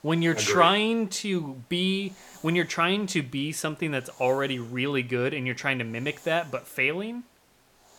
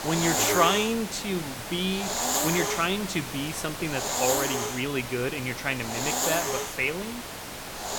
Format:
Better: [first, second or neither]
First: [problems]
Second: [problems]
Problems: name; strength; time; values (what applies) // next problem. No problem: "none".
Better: first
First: hiss; faint; throughout; 30 dB below the speech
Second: hiss; loud; throughout; 1 dB below the speech